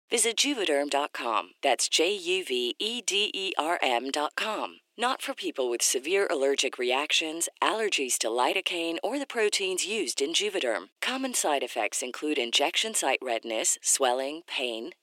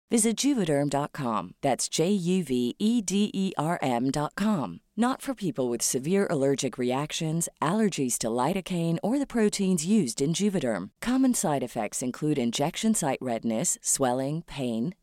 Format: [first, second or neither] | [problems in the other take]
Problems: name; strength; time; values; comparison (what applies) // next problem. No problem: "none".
second | thin; very; fading below 350 Hz